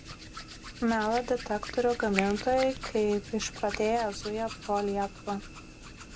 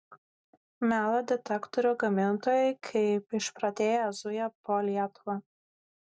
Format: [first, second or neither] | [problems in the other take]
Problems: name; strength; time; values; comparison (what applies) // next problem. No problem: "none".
second | background sound (Hands); 11 dB below the speech